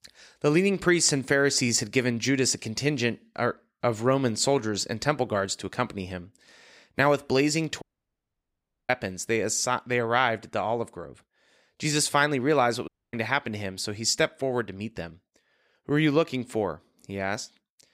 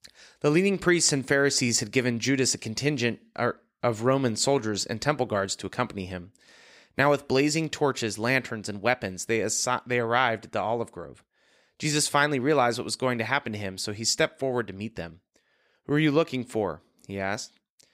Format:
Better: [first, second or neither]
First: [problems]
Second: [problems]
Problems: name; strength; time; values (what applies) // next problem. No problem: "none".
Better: second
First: audio cutting out; at 8 s for 1 s and at 13 s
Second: none